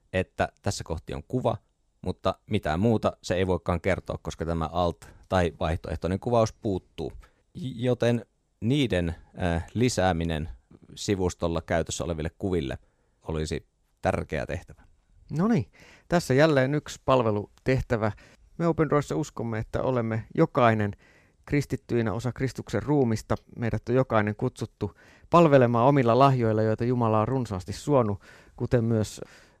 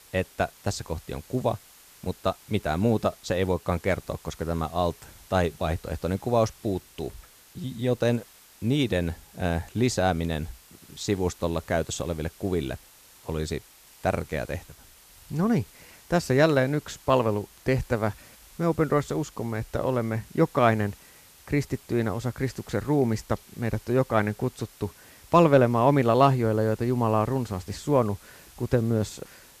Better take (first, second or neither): first